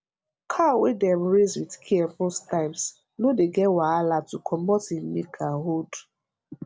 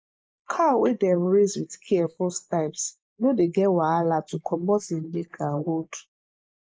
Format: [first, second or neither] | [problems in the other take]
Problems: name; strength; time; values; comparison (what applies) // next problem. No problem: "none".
first | noise reduction (neural mask model Resemble Enhance denoiser)